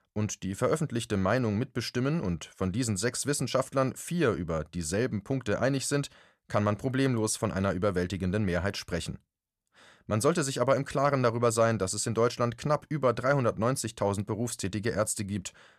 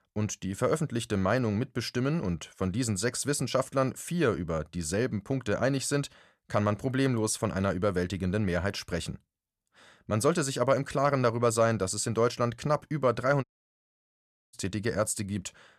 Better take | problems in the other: first | audio cutting out; at 13 s for 1 s

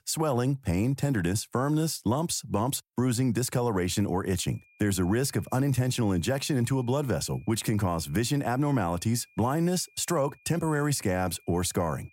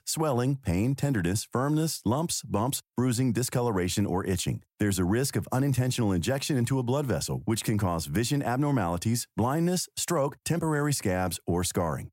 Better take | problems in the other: second | high-pitched whine; faint; from 4.5 s on; 2.5 kHz, 30 dB below the speech

